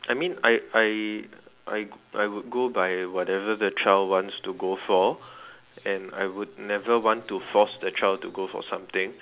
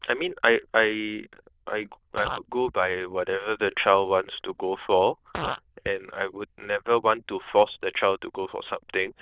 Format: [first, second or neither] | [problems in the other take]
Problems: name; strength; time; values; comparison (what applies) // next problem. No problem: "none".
first | noise reduction (neural diffusion model UNIVERSE++)